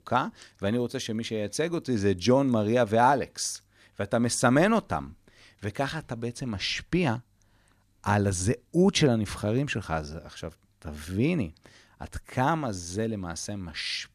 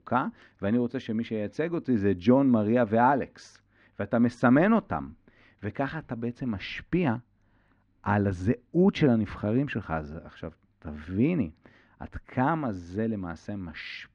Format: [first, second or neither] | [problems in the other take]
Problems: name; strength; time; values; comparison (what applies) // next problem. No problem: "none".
first | muffled; very; fading above 2 kHz